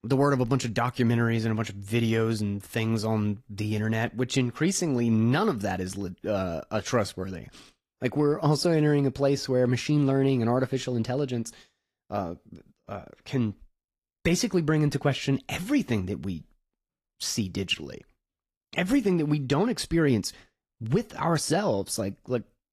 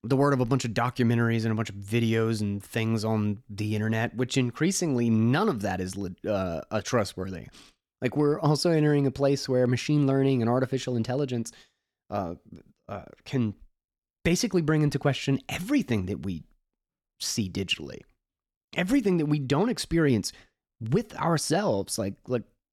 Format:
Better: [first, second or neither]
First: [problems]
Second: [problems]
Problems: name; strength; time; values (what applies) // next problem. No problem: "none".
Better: second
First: garbled, watery; slightly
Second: none